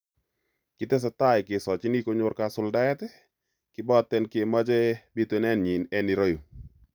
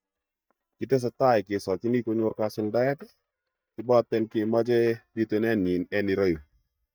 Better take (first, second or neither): first